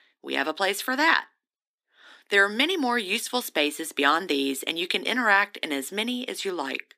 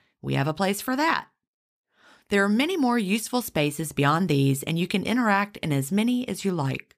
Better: second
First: thin; somewhat; fading below 250 Hz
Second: none

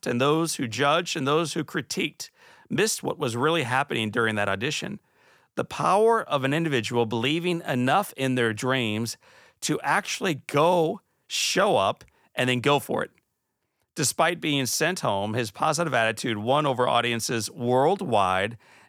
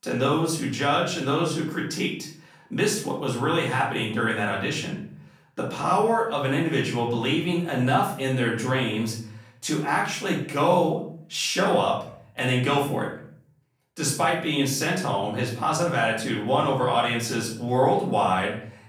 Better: first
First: none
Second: off-mic speech; far // room echo; noticeable; dies away in 0.5 s

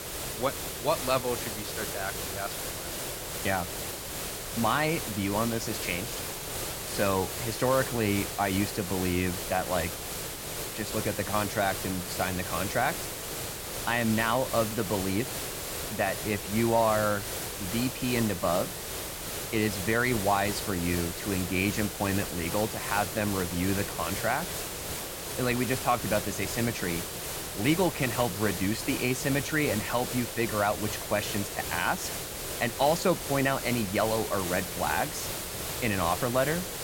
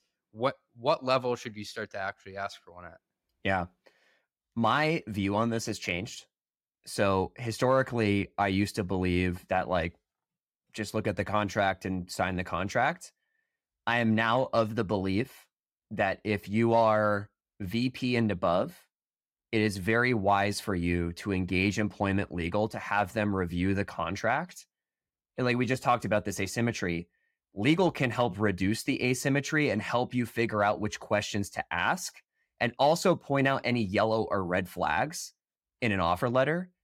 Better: second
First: hiss; loud; throughout; 4 dB below the speech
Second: none

